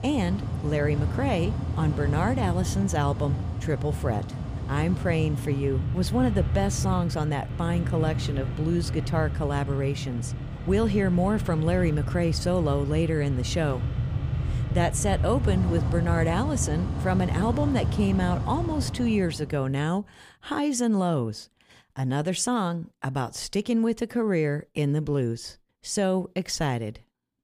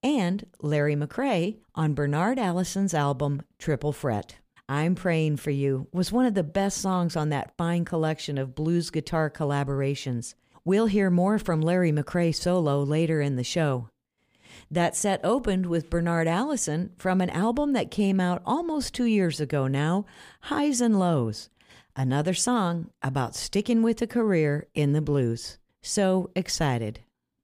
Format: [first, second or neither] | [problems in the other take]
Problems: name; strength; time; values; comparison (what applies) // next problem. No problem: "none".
second | machinery noise; loud; until 19 s; 3 dB below the speech